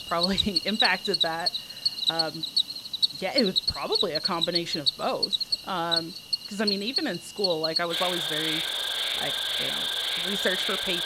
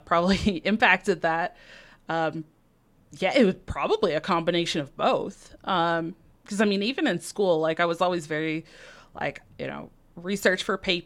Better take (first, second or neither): second